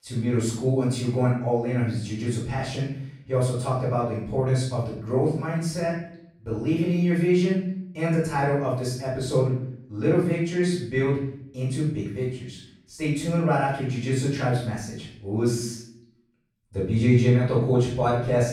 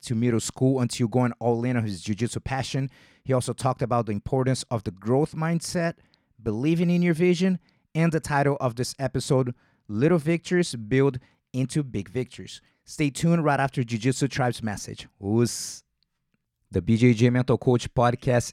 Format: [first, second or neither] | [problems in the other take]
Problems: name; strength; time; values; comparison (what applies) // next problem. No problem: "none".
second | room echo; noticeable; dies away in 0.6 s // off-mic speech; far